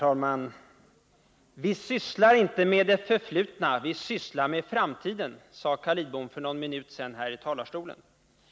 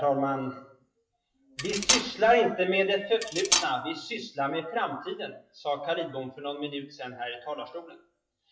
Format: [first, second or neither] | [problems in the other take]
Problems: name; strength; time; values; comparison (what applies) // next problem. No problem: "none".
first | noise reduction (classical method WPE with log-MMSE)